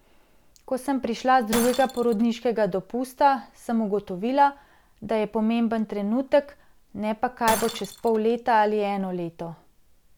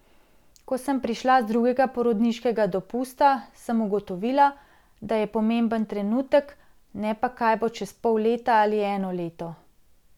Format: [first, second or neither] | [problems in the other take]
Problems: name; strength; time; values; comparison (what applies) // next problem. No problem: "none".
second | background sound (Shatter); 16 dB below the speech